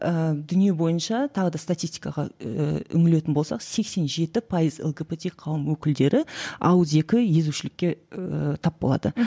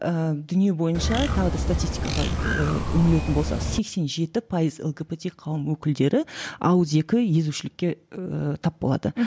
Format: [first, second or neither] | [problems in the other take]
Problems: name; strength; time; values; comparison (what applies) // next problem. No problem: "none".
first | background sound (Bird); 1 dB below the speech